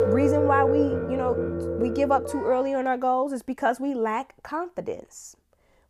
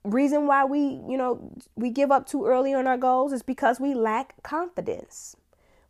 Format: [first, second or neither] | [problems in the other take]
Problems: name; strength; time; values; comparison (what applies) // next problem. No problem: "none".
second | background music; loud; until 2 s; as loud as the speech